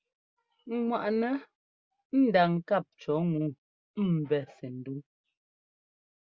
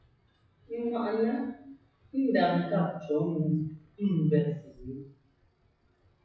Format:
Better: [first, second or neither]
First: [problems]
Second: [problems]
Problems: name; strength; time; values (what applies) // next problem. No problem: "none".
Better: first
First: none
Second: noise reduction (classical method WPE with log-MMSE)